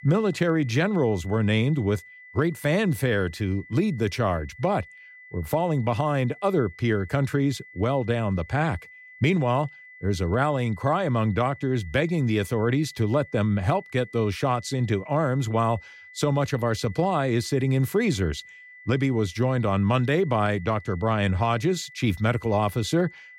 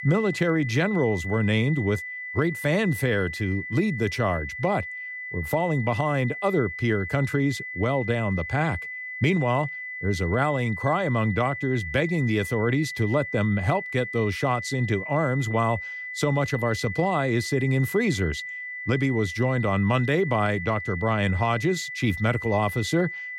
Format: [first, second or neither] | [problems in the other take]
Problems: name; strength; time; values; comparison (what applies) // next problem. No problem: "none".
first | high-pitched whine; loud; throughout; 2 kHz, 8 dB below the speech; faint in the first